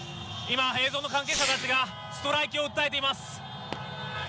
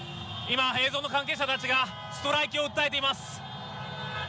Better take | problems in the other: second | background sound (Fireworks); 10 dB below the speech

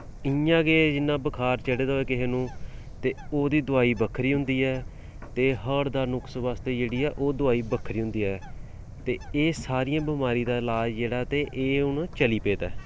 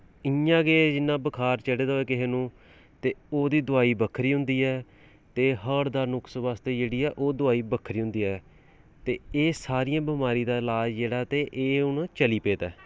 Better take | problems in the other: second | background sound (Bird); 11 dB below the speech

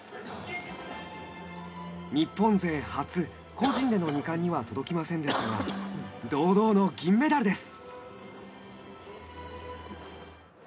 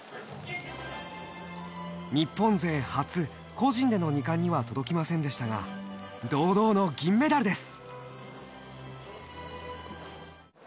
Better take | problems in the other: second | background sound (Cough); 12 dB below the speech // room echo; dies away in 0.3 s

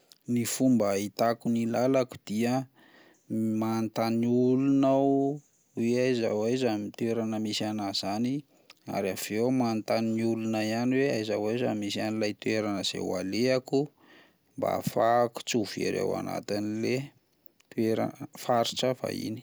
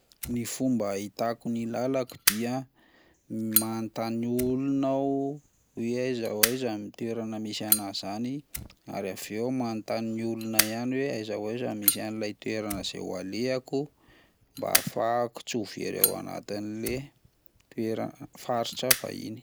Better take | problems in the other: first | background sound (Fire); 3 dB below the speech

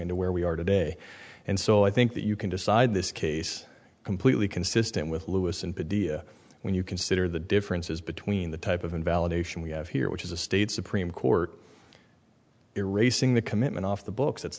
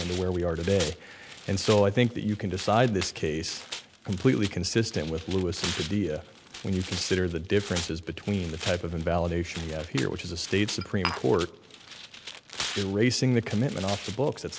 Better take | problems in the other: first | background sound (Glass + Tearing); 12 dB below the speech

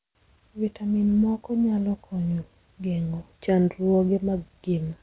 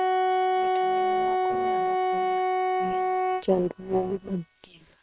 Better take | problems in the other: first | noise reduction (neural separator model SepFormer WHAM!)

